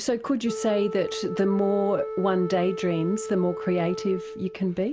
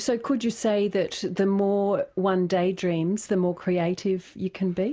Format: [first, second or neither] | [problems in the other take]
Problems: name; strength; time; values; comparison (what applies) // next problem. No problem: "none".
second | background sound (Wind instrument, woodwind instrument); 9 dB below the speech